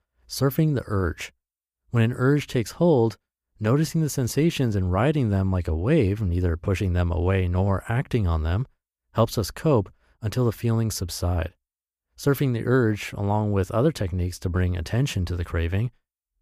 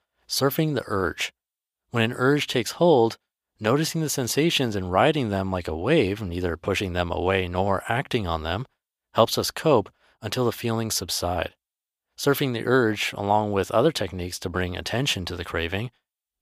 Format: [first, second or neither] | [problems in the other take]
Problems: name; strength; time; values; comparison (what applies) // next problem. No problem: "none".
first | thin; somewhat; fading below 400 Hz